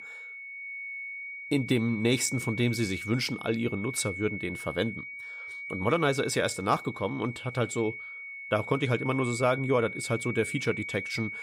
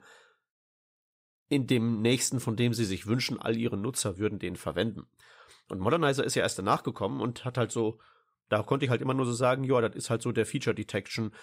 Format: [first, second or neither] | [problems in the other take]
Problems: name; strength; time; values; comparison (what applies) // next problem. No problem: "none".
second | high-pitched whine; loud; throughout; 2 kHz, 8 dB below the speech